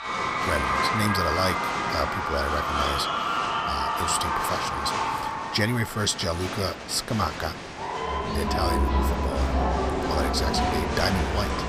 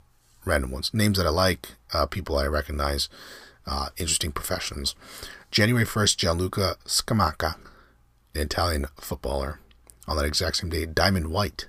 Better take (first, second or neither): second